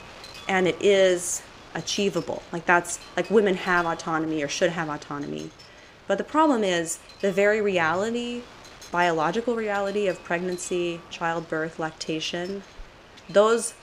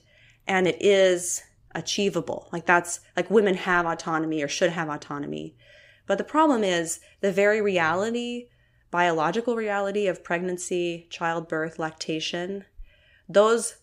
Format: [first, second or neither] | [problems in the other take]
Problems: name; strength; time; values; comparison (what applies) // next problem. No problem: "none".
second | wind noise on the microphone; occasional gusts; 20 dB below the speech